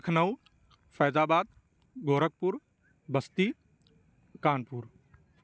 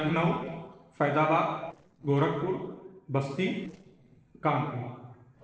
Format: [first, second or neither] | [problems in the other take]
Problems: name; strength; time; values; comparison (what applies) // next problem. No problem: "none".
first | noise reduction (neural separator model SepFormer DNS4)